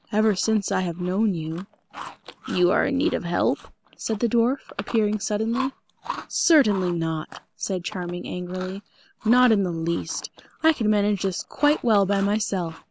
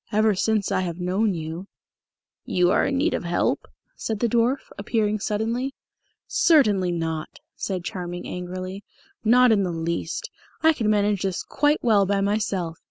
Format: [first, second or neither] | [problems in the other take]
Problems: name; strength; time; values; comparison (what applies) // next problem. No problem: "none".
second | background sound (Chewing, mastication); 17 dB below the speech